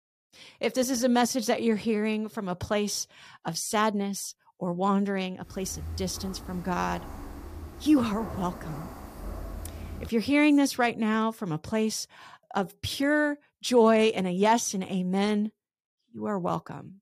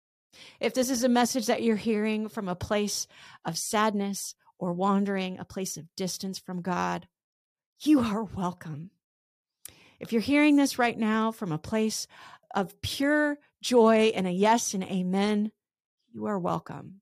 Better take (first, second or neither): second